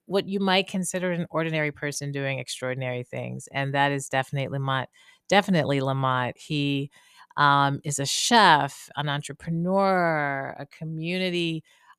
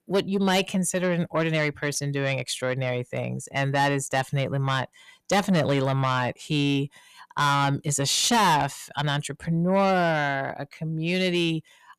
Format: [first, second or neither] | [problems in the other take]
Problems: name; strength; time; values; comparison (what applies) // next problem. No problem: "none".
first | distortion; heavy; 7 dB below the speech